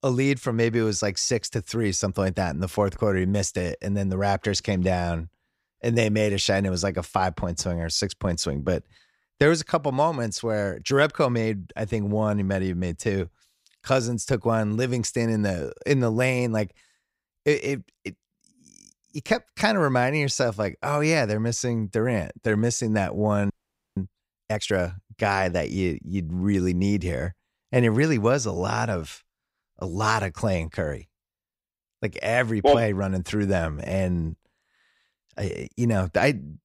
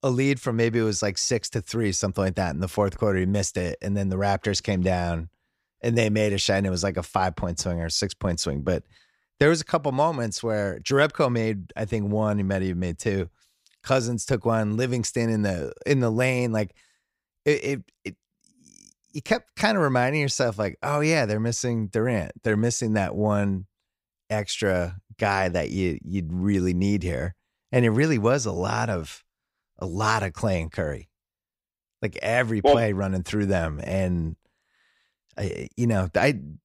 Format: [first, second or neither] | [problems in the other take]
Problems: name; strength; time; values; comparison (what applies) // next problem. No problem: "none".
second | audio freezing; at 24 s